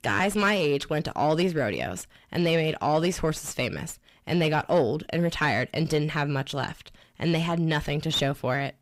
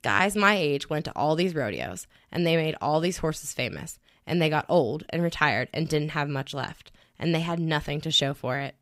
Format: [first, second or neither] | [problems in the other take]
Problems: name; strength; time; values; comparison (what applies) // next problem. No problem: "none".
second | distortion; slight; 10 dB below the speech